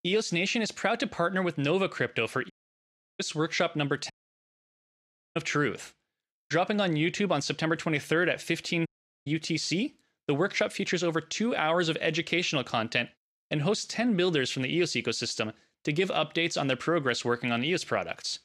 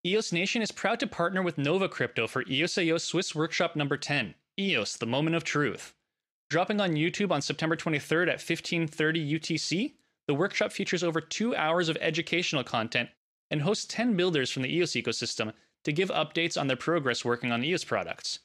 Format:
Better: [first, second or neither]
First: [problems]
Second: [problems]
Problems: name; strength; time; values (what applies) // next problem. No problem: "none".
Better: second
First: audio cutting out; at 2.5 s for 0.5 s, at 4 s for 1.5 s and at 9 s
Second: none